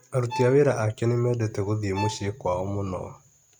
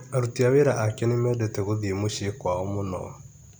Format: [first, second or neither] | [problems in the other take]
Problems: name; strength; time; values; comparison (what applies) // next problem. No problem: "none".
second | noise reduction (neural mask model RNNoise)